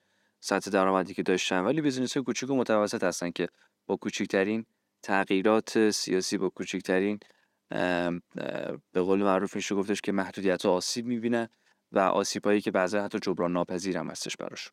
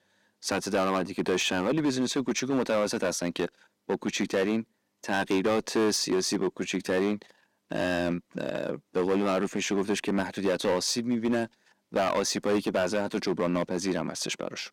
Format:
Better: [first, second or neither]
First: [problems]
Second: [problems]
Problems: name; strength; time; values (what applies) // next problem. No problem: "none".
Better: first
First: none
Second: distortion; heavy; 8% of the sound clipped